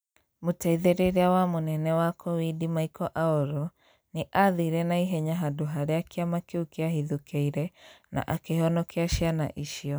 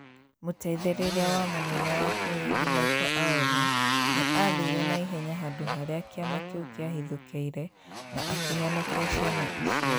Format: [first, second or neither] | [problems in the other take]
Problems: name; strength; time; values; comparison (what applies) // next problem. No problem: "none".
first | background sound (Motorcycle); 2 dB above the speech